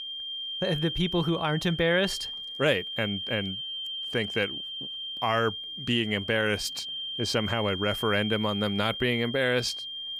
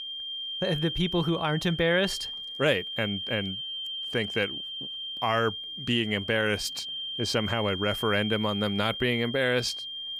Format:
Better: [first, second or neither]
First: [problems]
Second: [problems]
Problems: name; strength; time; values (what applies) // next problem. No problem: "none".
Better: neither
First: high-pitched whine; loud; throughout; 3 kHz, 5 dB below the speech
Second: high-pitched whine; loud; throughout; 3 kHz, 5 dB below the speech